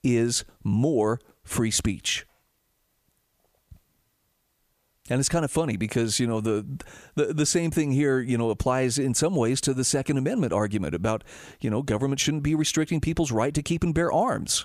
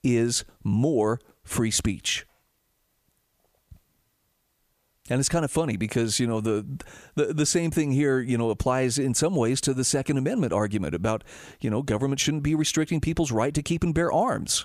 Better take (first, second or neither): neither